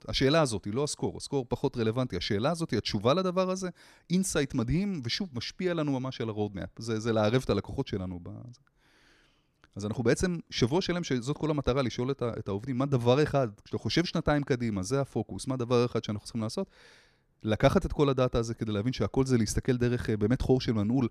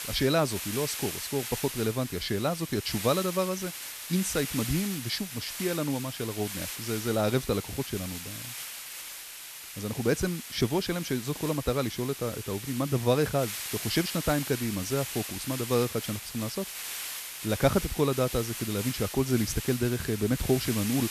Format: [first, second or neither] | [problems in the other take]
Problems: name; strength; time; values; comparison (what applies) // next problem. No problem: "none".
first | hiss; loud; throughout; 6 dB below the speech